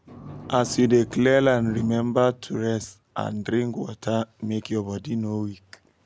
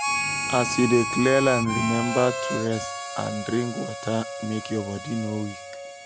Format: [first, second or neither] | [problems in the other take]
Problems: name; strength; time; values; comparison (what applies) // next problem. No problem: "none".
first | background sound (Harmonica); 5 dB below the speech